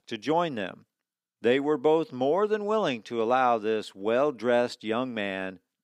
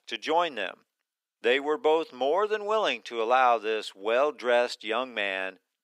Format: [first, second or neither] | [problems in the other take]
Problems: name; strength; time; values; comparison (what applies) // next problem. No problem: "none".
first | thin; somewhat; fading below 500 Hz